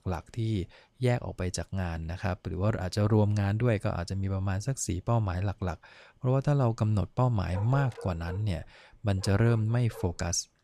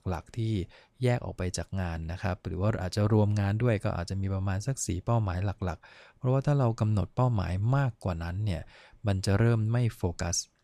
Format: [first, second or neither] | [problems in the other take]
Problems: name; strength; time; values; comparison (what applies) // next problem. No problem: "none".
second | animal sounds; noticeable; throughout; 15 dB below the speech